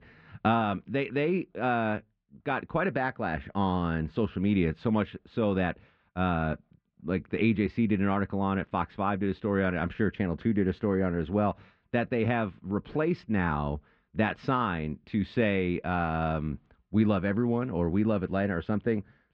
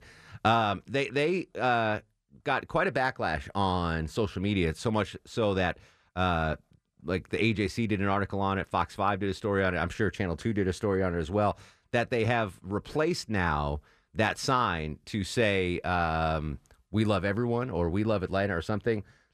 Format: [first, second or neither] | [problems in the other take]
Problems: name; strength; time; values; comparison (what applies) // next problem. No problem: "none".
second | muffled; very; fading above 3 kHz